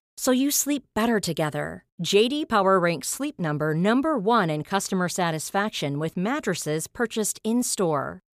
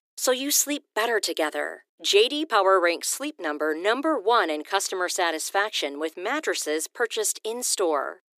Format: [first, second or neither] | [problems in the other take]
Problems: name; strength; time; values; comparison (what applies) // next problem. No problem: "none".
first | thin; somewhat; fading below 300 Hz